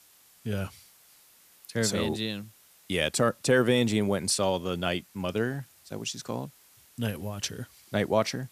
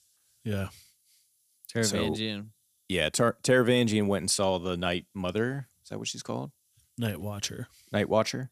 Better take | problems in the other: second | hiss; faint; throughout; 25 dB below the speech

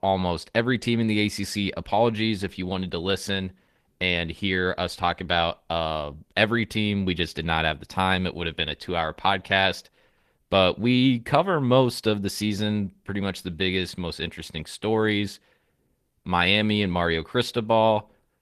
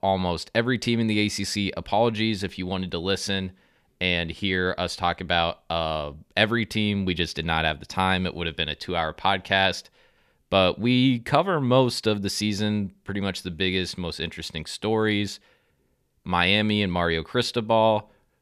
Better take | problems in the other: second | garbled, watery; slightly; nothing above 14.5 kHz

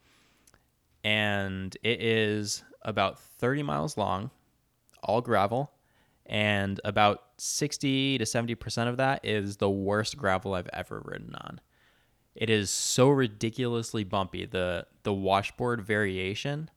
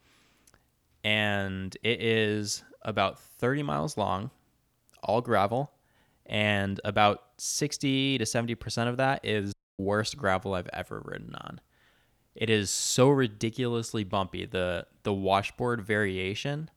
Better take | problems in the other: first | audio cutting out; at 9.5 s

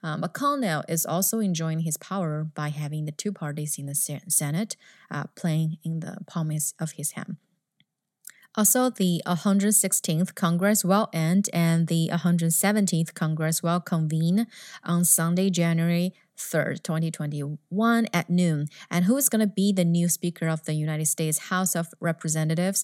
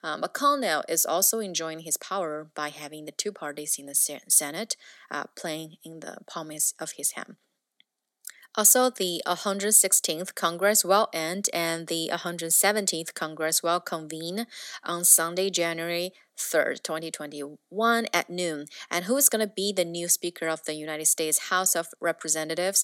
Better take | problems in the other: first | thin; very; fading below 300 Hz

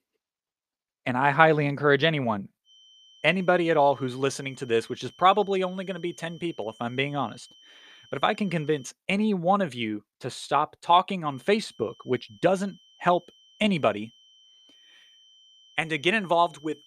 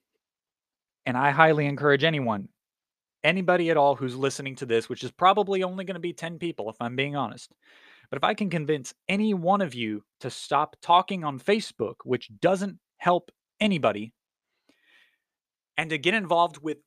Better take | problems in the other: second | high-pitched whine; faint; from 2.5 to 9 s and from 11 s on; 3 kHz, 30 dB below the speech

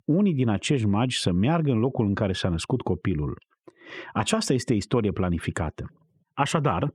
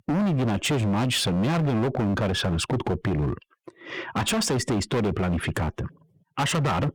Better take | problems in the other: first | distortion; heavy; 25% of the sound clipped

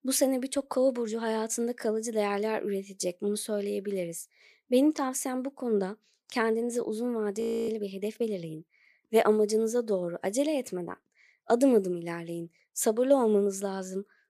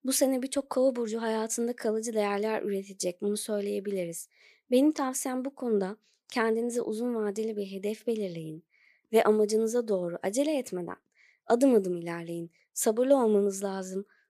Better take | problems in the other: second | audio freezing; at 7.5 s

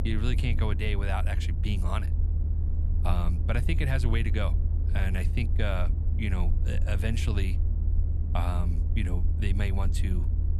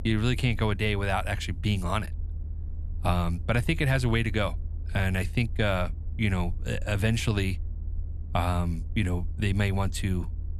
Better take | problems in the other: second | low rumble; loud; throughout; 9 dB below the speech; faint in the second

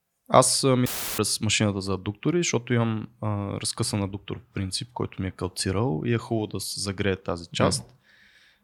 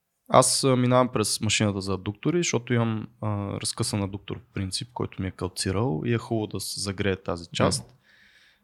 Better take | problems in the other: second | audio cutting out; filled with static; at 1 s

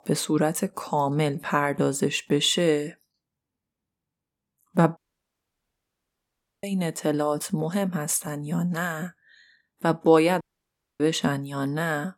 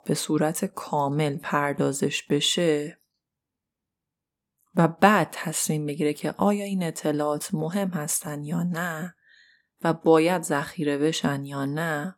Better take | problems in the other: second | audio cutting out; at 5 s for 1.5 s and at 10 s for 0.5 s

